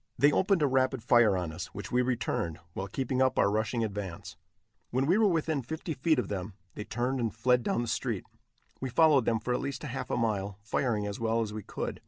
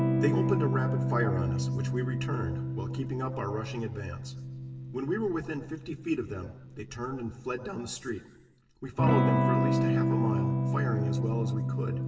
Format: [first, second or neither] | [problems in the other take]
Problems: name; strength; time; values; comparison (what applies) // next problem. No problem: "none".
first | background sound (Electric guitar / Strum); 5 dB above the speech // room echo; dies away in 1 s